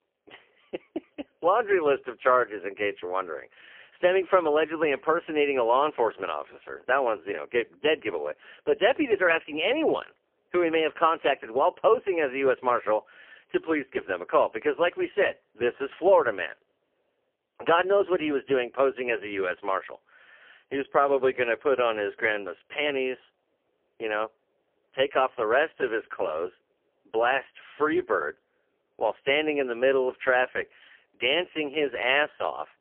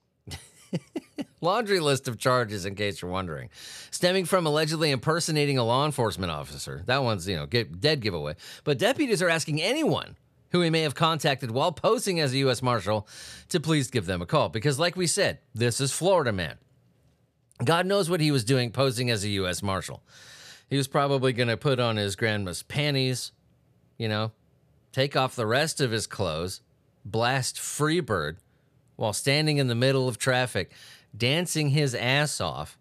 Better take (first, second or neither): second